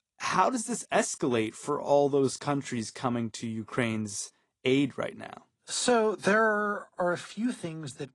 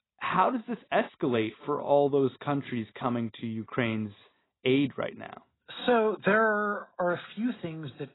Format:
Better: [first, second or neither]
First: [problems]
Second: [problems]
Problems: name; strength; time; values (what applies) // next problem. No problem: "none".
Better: first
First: garbled, watery; slightly; nothing above 10 kHz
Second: garbled, watery; badly; nothing above 4 kHz